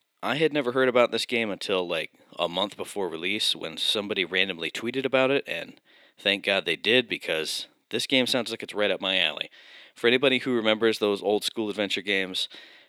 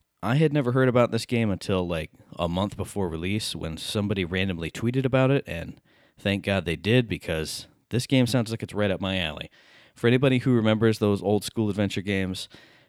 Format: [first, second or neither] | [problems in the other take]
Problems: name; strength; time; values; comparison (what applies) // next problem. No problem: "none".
second | thin; somewhat; fading below 350 Hz